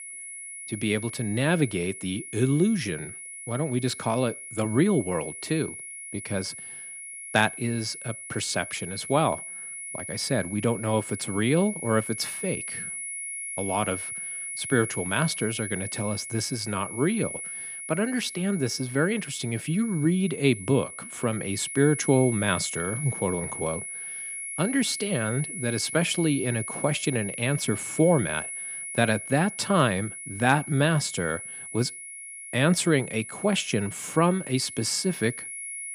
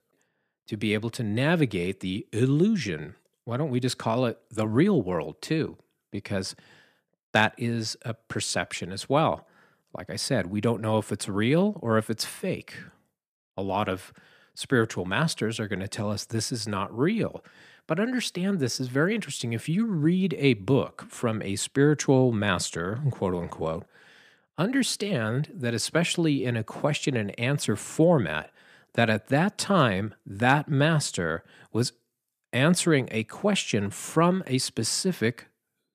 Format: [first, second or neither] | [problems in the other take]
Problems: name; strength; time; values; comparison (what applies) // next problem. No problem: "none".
second | high-pitched whine; loud; throughout; 10.5 kHz, 8 dB below the speech